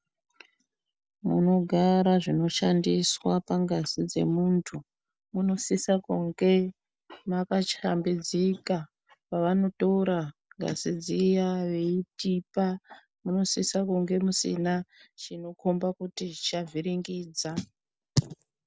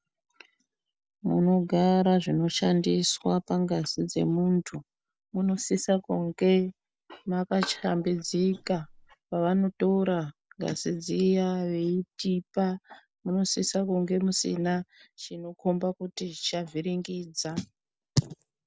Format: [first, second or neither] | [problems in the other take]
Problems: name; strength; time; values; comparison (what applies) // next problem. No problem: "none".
first | background sound (Bowed string instrument); 16 dB below the speech